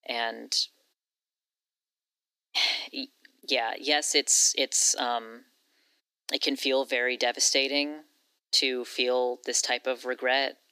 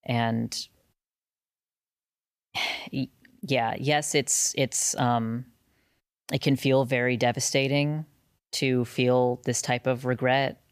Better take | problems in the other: second | thin; somewhat; fading below 300 Hz

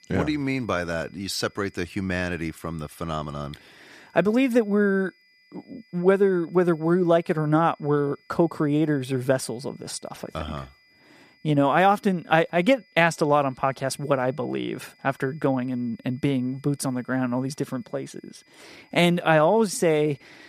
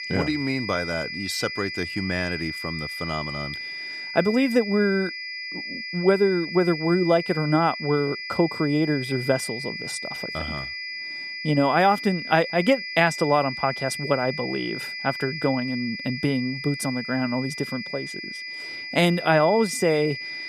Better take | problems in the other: first | high-pitched whine; loud; throughout; 2 kHz, 7 dB below the speech; faint in the first

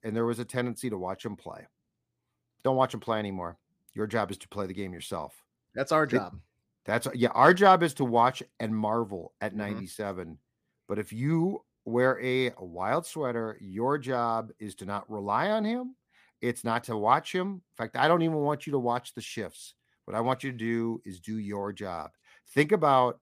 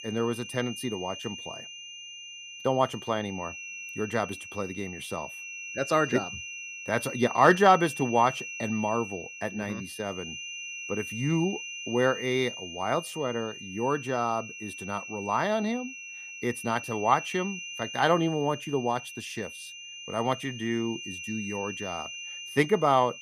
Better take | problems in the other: first | high-pitched whine; loud; throughout; 3 kHz, 9 dB below the speech

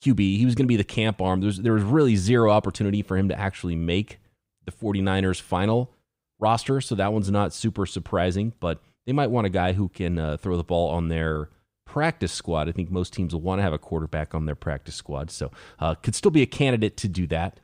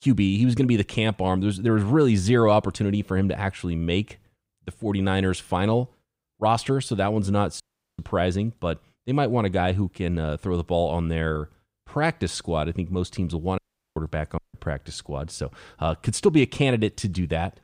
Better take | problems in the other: first | audio cutting out; at 7.5 s and at 14 s

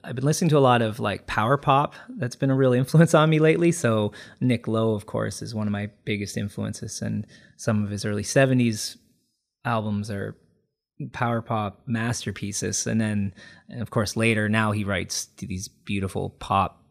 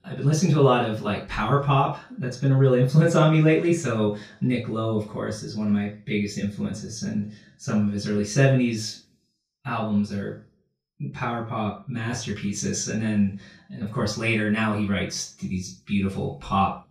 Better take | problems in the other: first | room echo; noticeable; dies away in 0.3 s // off-mic speech; far

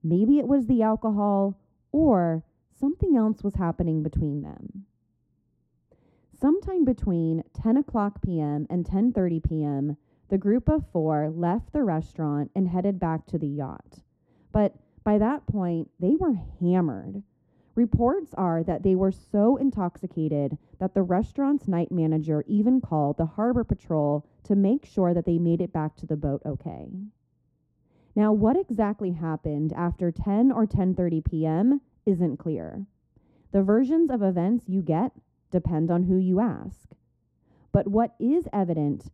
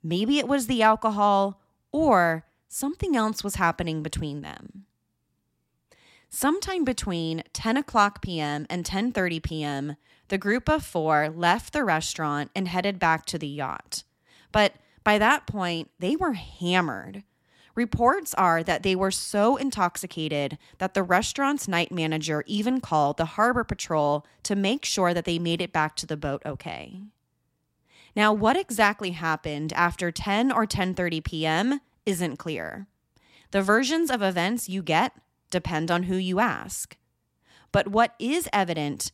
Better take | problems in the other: second | muffled; very; fading above 1 kHz

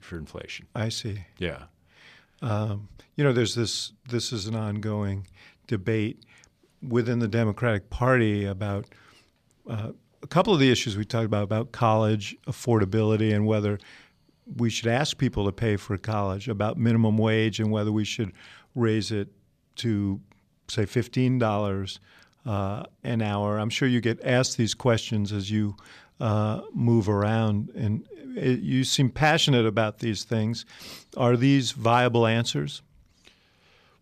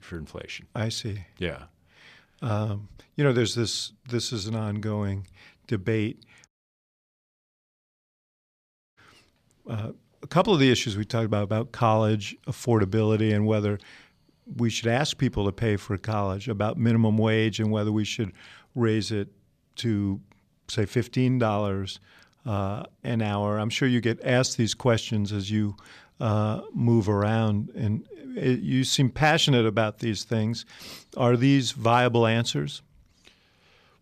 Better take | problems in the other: first | audio cutting out; at 6.5 s for 2.5 s

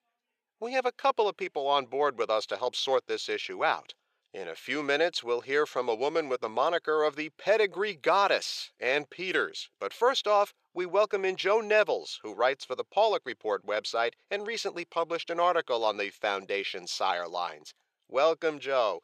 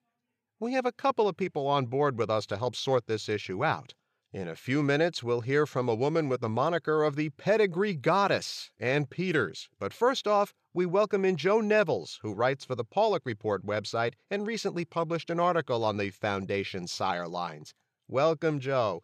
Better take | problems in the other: second | thin; somewhat; fading below 500 Hz

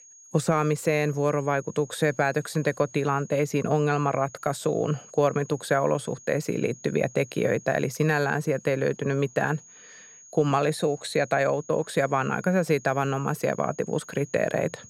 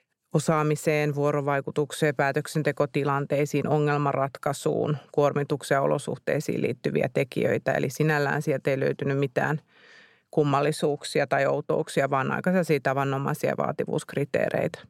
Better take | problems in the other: second | high-pitched whine; faint; throughout; 6.5 kHz, 20 dB below the speech

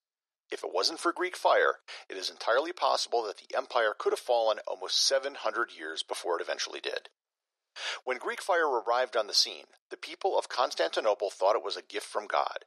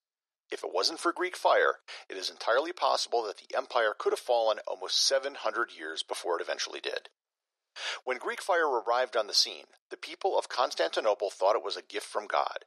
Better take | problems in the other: neither | thin; very; fading below 400 Hz; the same in both

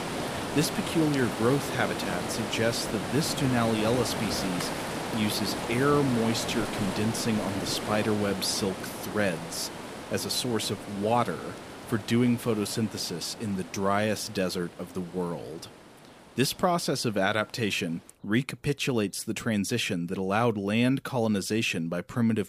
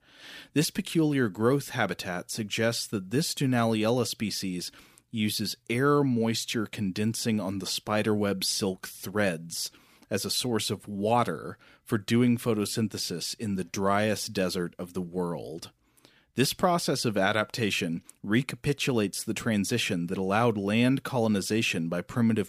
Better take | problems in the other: second | rain or running water; loud; throughout; 6 dB below the speech

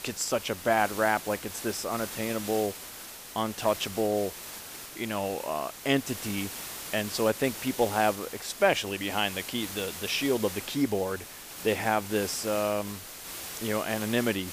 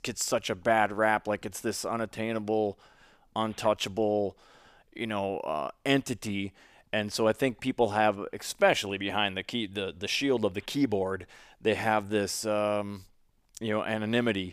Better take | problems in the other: second | hiss; loud; throughout; 9 dB below the speech

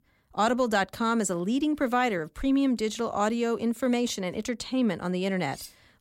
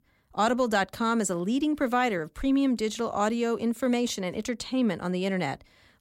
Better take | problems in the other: second | clattering dishes; faint; at 5.5 s; peak 15 dB below the speech

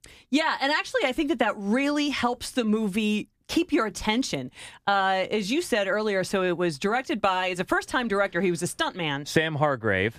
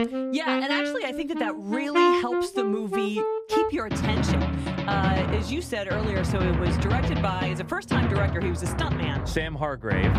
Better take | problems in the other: first | background music; very loud; throughout; 3 dB above the speech

